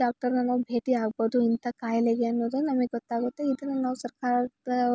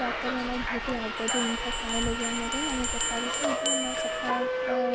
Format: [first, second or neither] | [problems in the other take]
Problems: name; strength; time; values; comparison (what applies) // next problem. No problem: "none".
first | background sound (Bell + Subway, metro, underground); 4 dB above the speech